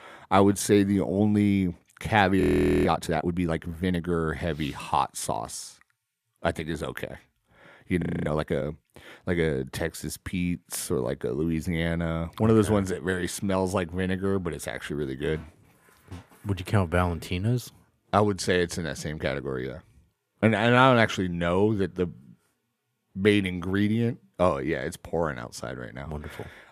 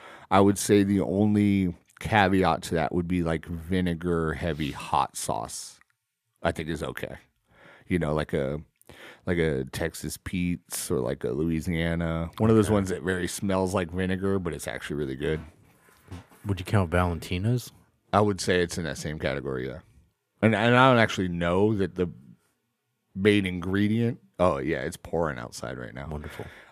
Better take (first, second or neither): second